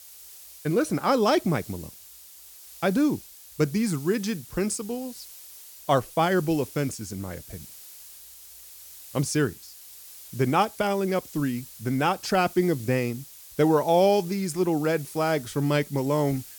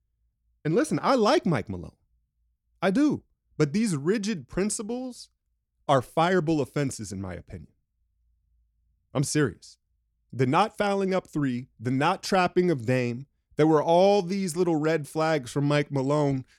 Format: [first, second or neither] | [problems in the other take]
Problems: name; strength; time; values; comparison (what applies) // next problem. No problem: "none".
second | hiss; noticeable; throughout; 15 dB below the speech